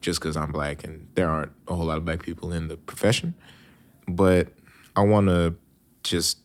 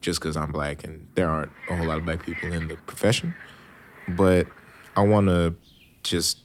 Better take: first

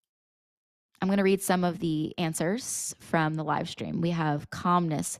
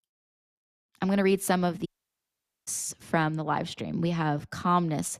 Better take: first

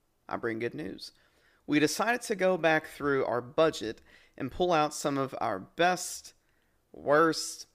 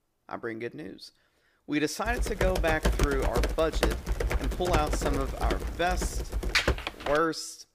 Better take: first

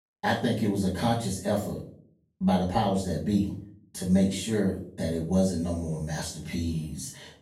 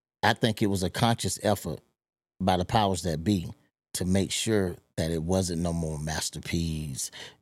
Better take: second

